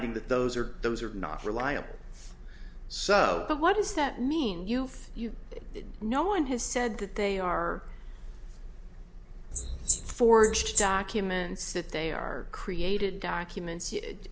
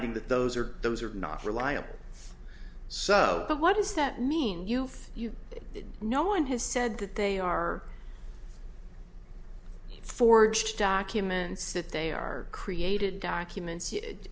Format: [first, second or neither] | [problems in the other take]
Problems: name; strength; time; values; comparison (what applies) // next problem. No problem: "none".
second | background sound (Wild animals); 3 dB below the speech